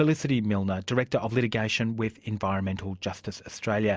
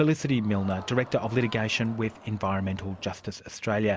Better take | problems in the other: first | background sound (Crowd); 19 dB below the speech

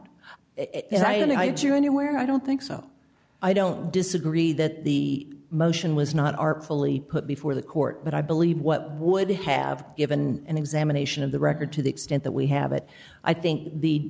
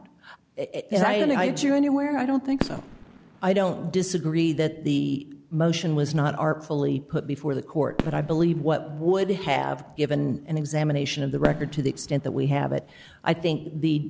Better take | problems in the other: first | background sound (Fireworks); 13 dB below the speech

